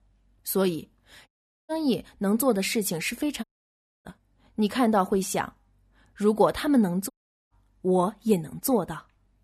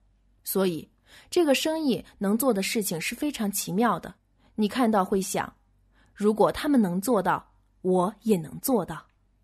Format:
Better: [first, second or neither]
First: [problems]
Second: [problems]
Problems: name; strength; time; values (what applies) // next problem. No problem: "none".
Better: second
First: audio cutting out; at 1.5 s, at 3.5 s for 0.5 s and at 7 s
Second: none